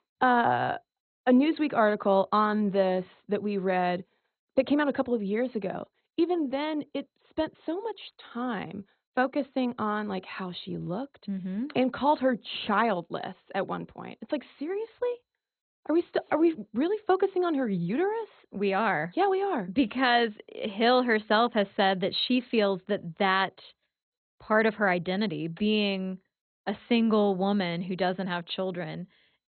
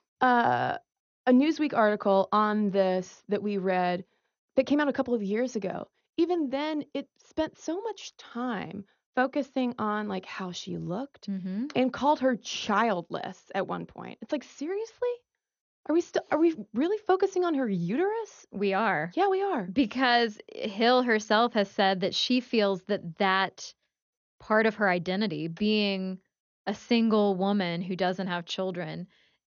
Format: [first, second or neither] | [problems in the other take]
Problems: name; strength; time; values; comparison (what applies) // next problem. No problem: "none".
second | garbled, watery; badly; nothing above 4 kHz; slightly in the second